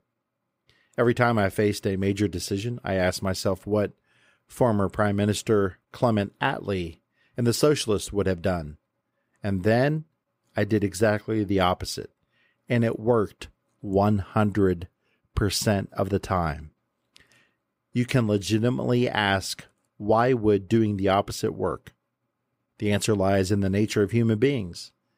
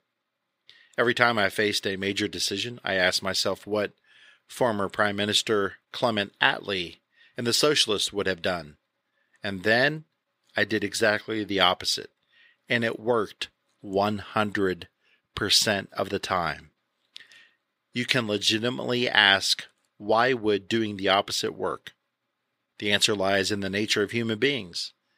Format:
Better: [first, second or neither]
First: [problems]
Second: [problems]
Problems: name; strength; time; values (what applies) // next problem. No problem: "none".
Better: first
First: none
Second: thin; somewhat; fading below 700 Hz